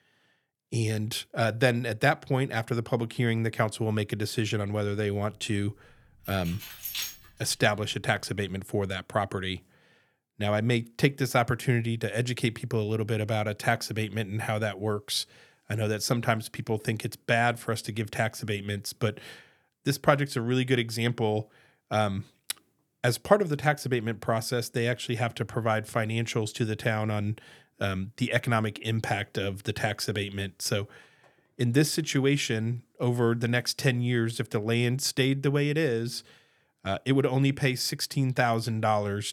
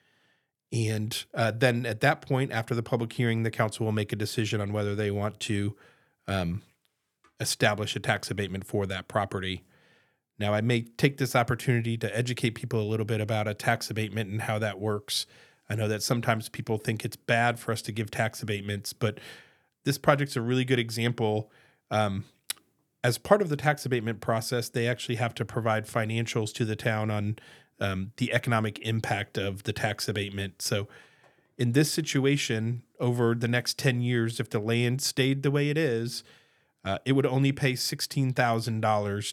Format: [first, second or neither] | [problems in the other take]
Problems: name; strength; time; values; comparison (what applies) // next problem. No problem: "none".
second | jangling keys; noticeable; at 6.5 s; peak 4 dB below the speech